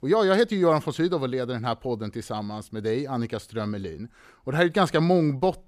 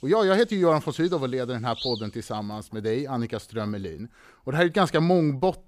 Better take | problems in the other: first | animal sounds; loud; throughout; 9 dB below the speech

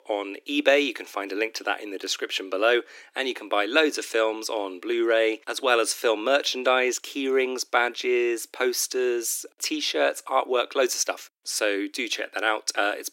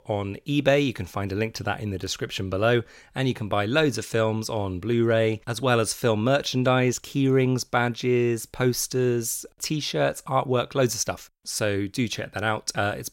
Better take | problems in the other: second | thin; somewhat; fading below 300 Hz

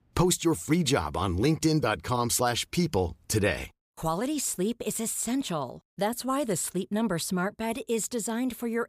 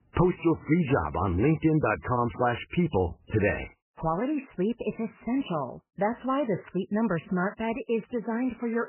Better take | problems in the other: first | garbled, watery; badly; nothing above 3 kHz

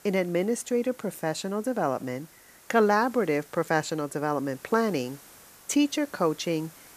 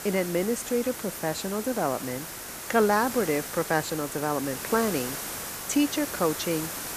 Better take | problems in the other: first | hiss; loud; throughout; 7 dB below the speech; faint in the first

